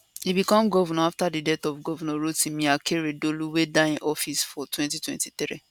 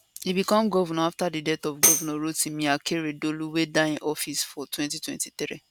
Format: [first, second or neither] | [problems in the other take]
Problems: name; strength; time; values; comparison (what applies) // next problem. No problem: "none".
first | background sound (Tambourine); as loud as the speech